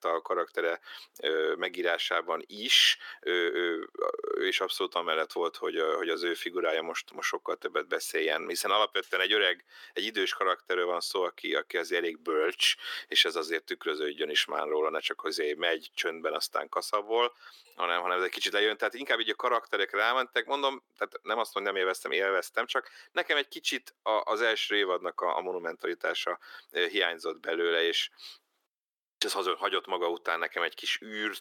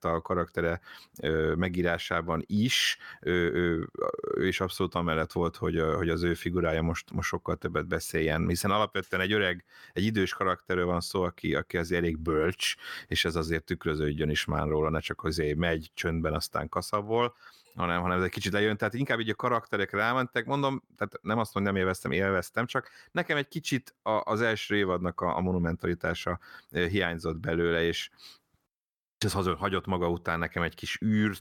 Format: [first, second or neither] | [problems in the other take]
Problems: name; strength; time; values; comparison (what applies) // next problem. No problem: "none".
second | thin; very; fading below 350 Hz